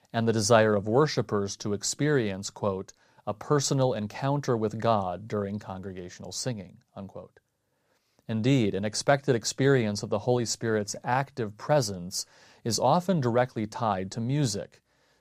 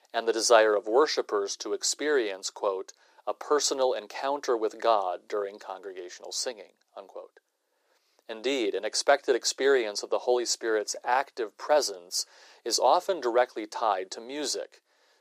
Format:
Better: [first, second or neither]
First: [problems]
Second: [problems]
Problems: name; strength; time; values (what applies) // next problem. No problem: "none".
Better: first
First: none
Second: thin; very; fading below 350 Hz